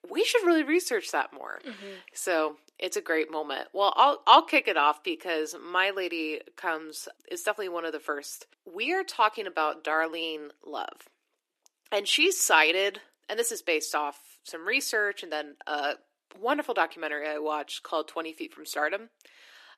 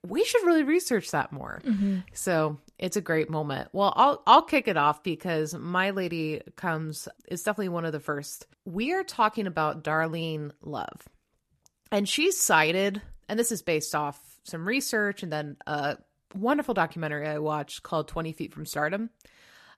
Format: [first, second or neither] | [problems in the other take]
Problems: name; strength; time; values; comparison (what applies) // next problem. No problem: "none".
second | thin; somewhat; fading below 300 Hz